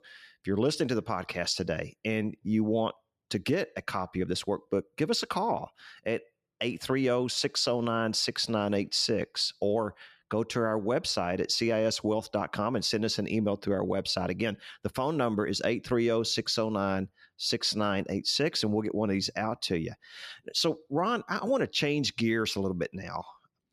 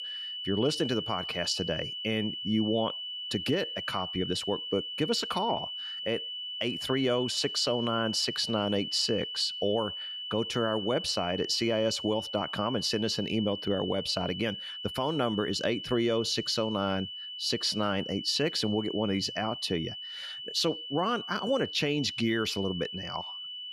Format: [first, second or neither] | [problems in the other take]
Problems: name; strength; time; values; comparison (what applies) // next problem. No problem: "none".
first | high-pitched whine; loud; throughout; 3 kHz, 6 dB below the speech